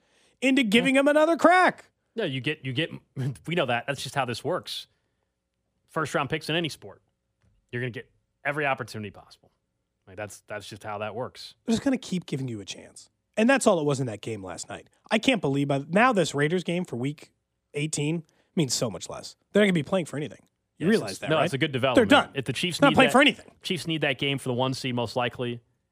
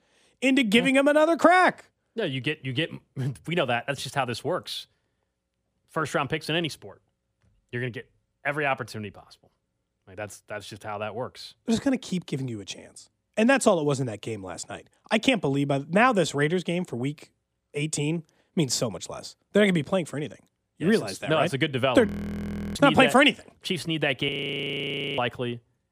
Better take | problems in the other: first | audio freezing; at 22 s for 0.5 s and at 24 s for 1 s

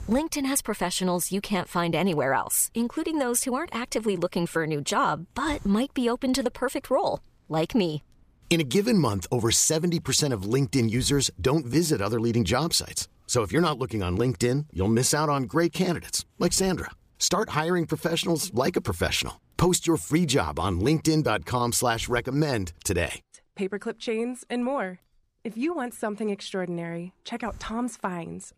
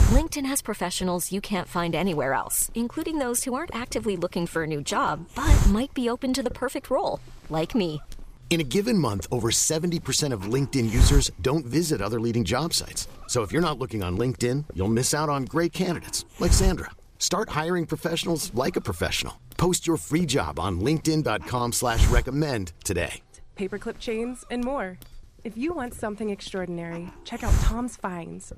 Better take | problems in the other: first | hiss; loud; throughout; 1 dB below the speech; faint in the first

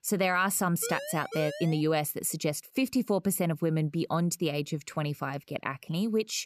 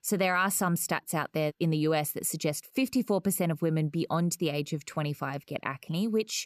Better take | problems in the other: second | siren; noticeable; at 1 s; peak 8 dB below the speech

